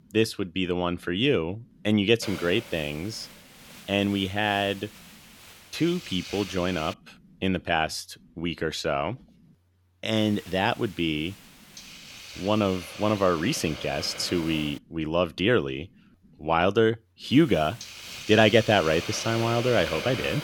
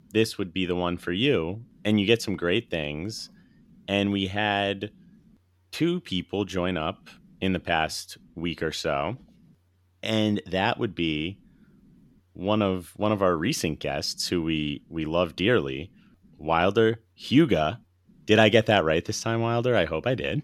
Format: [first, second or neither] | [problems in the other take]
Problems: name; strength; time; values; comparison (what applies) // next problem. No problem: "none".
second | hiss; noticeable; from 2 to 7 s, from 10 to 15 s and from 17 s on; 15 dB below the speech